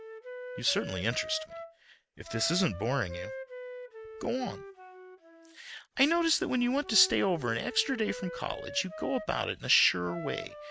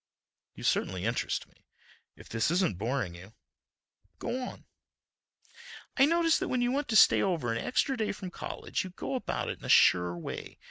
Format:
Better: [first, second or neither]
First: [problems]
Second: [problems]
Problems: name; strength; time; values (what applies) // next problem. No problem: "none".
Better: second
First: background sound (Wind instrument, woodwind instrument); 12 dB below the speech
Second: none